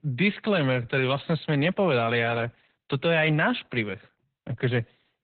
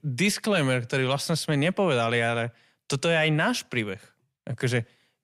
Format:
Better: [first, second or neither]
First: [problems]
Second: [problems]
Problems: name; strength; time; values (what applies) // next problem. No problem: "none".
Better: second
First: garbled, watery; badly; nothing above 4 kHz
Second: none